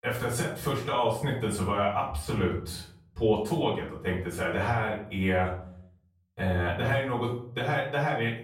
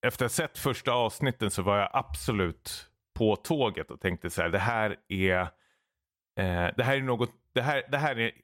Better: second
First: room echo; noticeable; dies away in 0.5 s // off-mic speech; far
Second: none

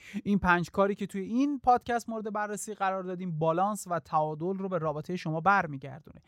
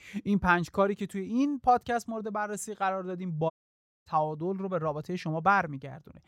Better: first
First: none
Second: audio cutting out; at 3.5 s for 0.5 s

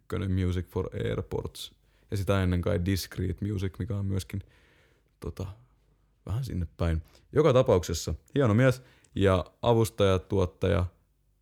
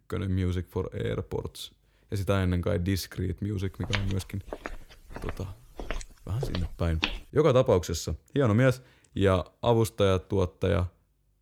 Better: first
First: none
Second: footsteps; noticeable; from 4 to 7 s; peak 3 dB below the speech

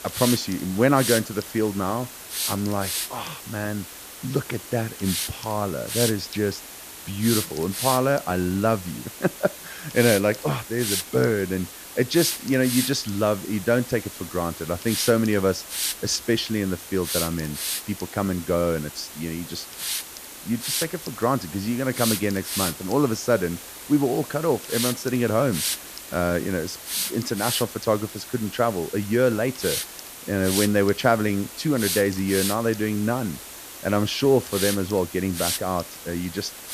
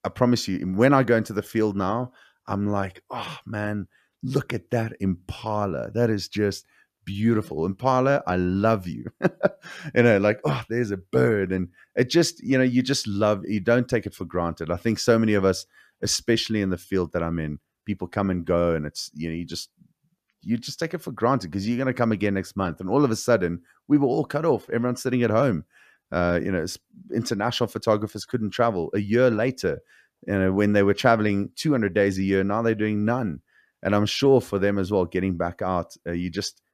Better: second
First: hiss; loud; throughout; 6 dB below the speech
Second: none

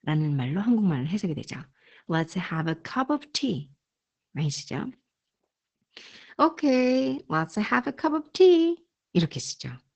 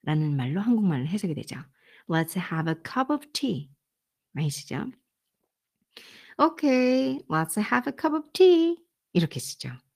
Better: second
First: garbled, watery; badly; nothing above 8 kHz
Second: garbled, watery; slightly; nothing above 15 kHz

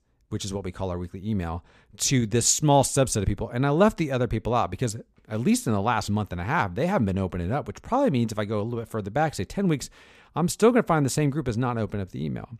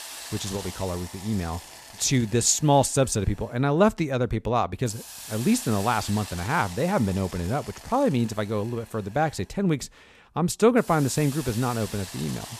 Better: first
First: none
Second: hiss; noticeable; throughout; 15 dB below the speech

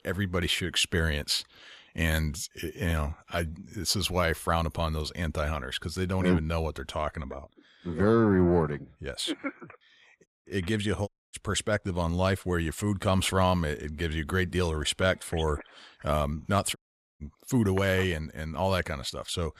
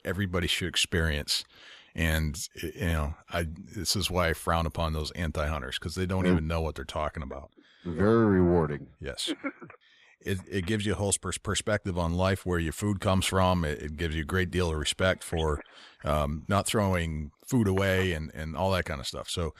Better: second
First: audio cutting out; at 10 s, at 11 s and at 17 s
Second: none

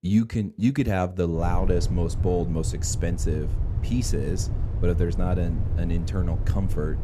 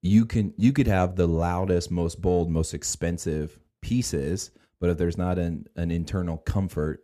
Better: second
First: low rumble; noticeable; from 1.5 s on; 10 dB below the speech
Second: none

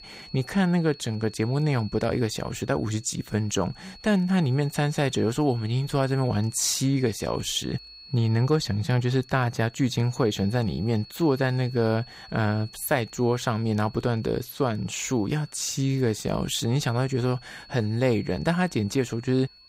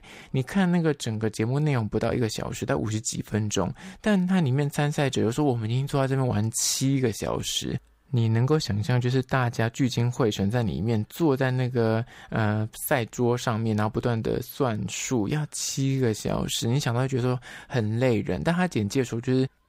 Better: second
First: high-pitched whine; faint; throughout; 4.5 kHz, 20 dB below the speech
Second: none

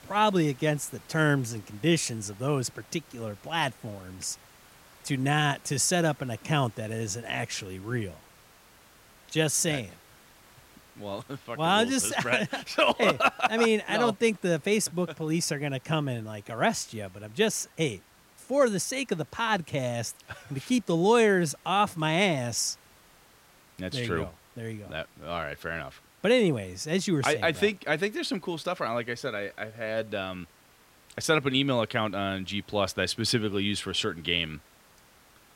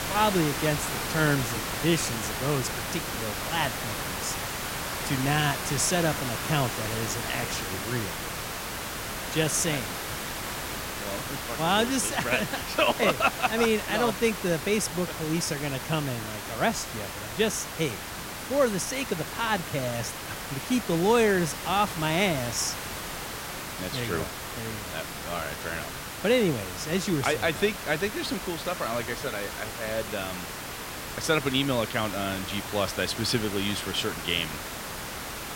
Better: first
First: hiss; faint; throughout; 25 dB below the speech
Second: hiss; loud; throughout; 5 dB below the speech

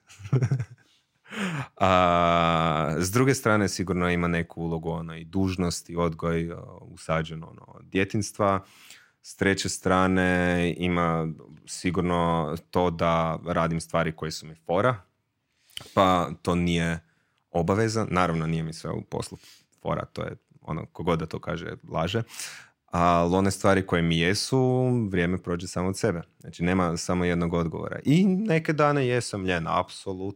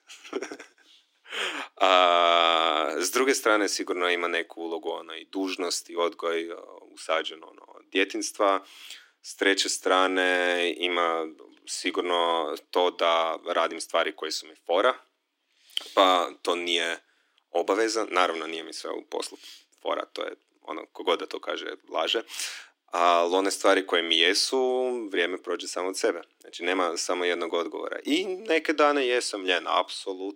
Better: first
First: none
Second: thin; somewhat; fading below 300 Hz

